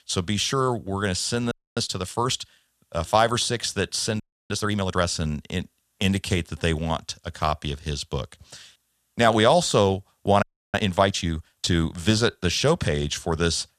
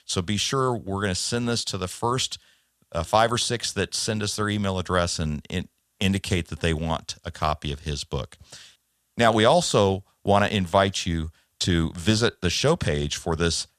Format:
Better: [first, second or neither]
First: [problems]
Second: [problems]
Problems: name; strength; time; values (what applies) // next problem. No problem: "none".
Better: second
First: audio freezing; at 1.5 s, at 4 s and at 10 s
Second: none